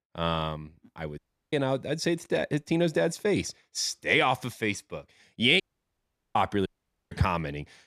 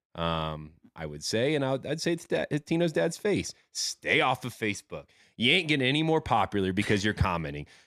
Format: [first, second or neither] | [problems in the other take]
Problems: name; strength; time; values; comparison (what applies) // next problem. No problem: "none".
second | audio cutting out; at 1 s, at 5.5 s for 1 s and at 6.5 s